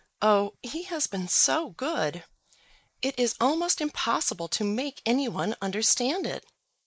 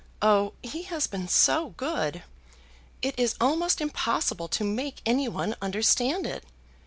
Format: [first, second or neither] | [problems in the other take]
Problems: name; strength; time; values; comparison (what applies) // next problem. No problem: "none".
second | noise reduction (neural mask model Resemble Enhance denoiser)